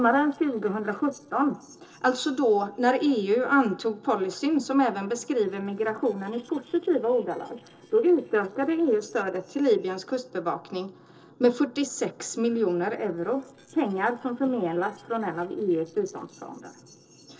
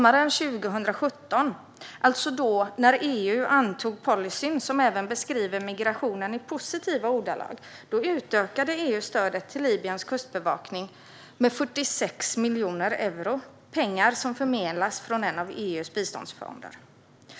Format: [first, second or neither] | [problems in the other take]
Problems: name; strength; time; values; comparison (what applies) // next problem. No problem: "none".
second | noise reduction (neural separator model SepFormer DNS4)